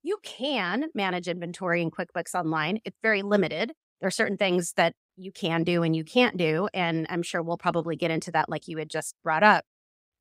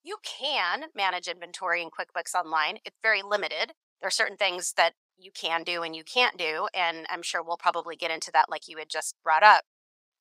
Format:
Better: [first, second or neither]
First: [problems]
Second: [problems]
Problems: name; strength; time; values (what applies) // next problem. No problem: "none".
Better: first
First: none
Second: thin; very; fading below 800 Hz